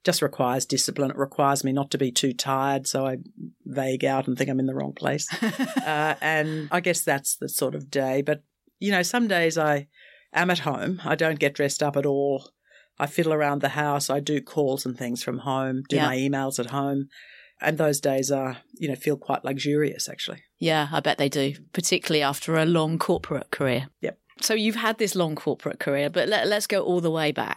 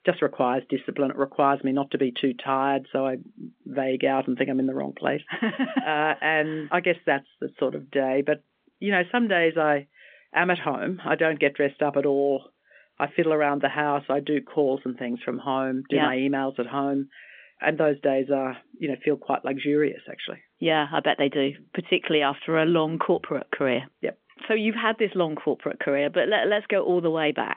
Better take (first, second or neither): first